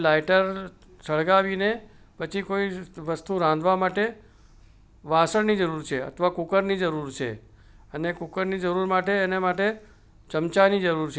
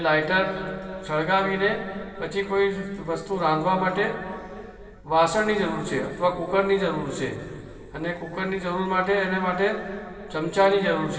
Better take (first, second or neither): first